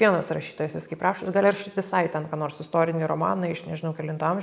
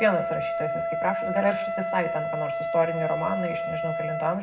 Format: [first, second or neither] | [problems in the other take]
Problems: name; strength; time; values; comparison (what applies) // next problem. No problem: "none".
first | background sound (Wind instrument, woodwind instrument); 1 dB below the speech // room echo; dies away in 0.3 s